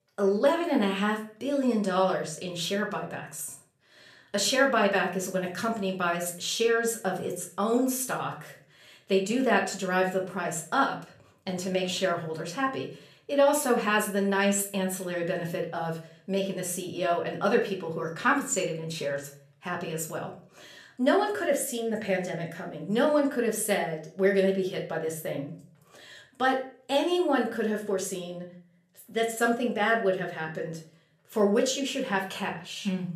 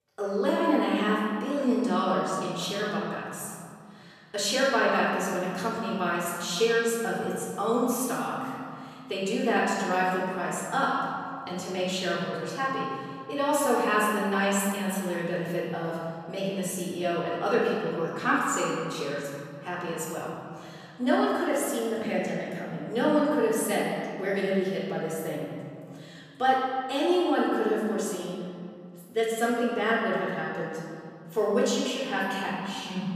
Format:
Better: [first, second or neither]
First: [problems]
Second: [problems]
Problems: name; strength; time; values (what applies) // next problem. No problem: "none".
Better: first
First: room echo; slight; dies away in 0.4 s // off-mic speech; somewhat distant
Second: room echo; strong; dies away in 2.1 s // off-mic speech; far